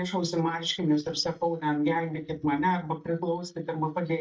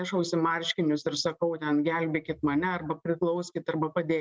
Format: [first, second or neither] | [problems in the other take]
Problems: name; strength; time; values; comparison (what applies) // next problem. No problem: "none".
second | noise reduction (neural mask model DeepFilterNet 3)